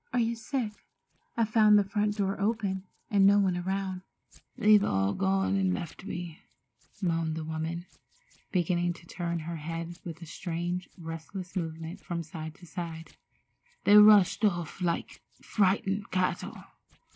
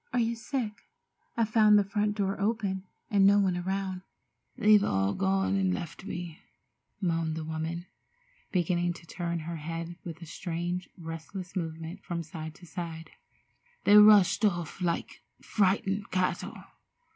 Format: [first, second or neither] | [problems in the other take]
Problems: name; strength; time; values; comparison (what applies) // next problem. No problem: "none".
second | noise reduction (neural separator model SepFormer DNS4)